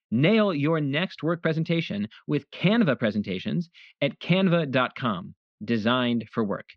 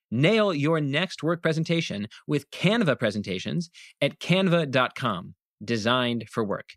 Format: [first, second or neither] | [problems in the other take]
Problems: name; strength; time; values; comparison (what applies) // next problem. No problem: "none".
second | muffled; very slightly; fading above 4 kHz